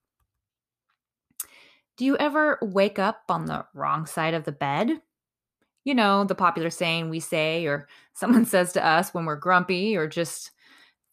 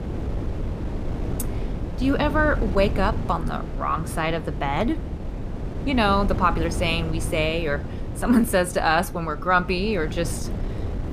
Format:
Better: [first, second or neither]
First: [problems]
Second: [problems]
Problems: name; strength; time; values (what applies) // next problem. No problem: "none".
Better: first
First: none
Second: wind noise on the microphone; occasional gusts; 15 dB below the speech